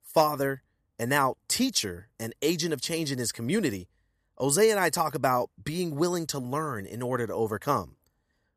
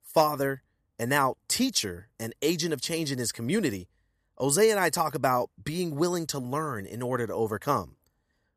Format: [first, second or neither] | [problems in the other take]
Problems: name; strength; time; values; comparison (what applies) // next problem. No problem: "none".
neither | none